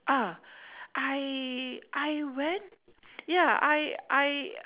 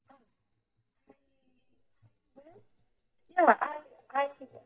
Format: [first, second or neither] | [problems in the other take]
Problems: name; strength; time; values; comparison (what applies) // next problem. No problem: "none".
first | noise reduction (neural mask model DeepFilterNet 3)